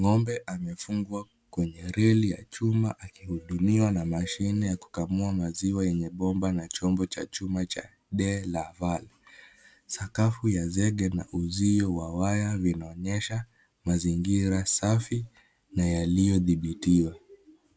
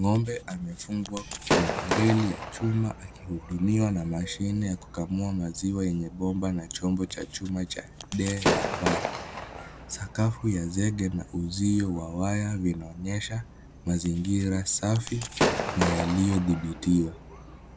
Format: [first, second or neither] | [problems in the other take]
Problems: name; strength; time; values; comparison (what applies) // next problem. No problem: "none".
first | background sound (Gunshot, gunfire / Fireworks); 6 dB below the speech